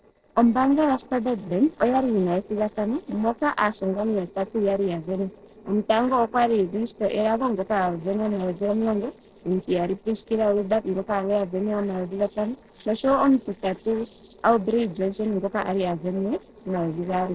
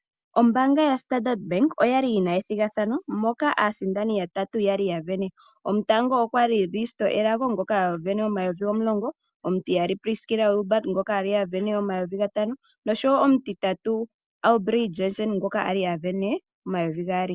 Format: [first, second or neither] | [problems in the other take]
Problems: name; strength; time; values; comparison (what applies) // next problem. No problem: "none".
second | noise reduction (neural separator model SepFormer DNS4)